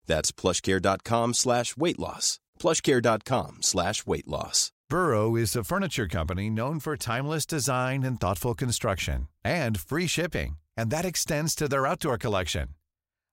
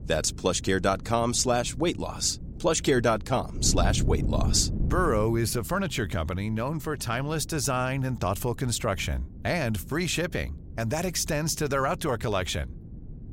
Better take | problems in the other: first | wind noise on the microphone; occasional gusts; 20 dB below the speech

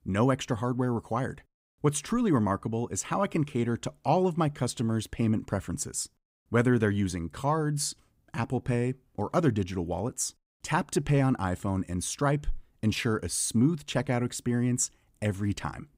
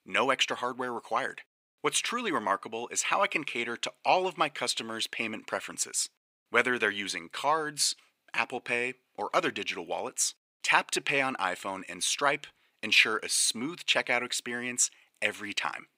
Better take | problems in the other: first | thin; very; fading below 500 Hz

